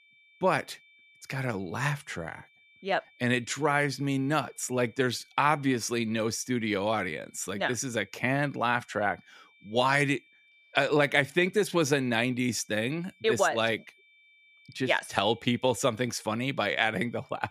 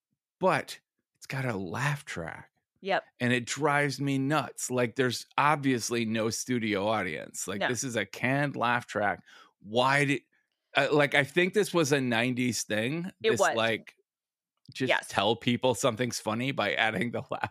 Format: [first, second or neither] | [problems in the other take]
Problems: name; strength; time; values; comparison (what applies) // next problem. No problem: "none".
second | high-pitched whine; faint; throughout; 2.5 kHz, 30 dB below the speech